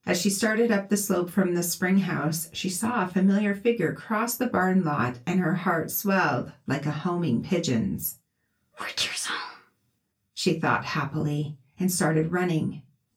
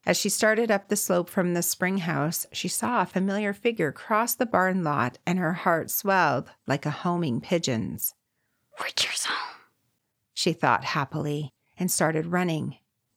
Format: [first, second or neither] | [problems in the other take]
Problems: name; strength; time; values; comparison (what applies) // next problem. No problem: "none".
second | off-mic speech; somewhat distant // room echo; very slight; dies away in 0.2 s